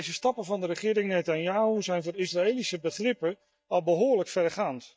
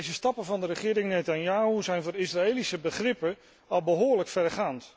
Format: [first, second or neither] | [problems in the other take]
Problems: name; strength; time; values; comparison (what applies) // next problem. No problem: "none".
second | noise reduction (neural mask model DeepFilterNet 3)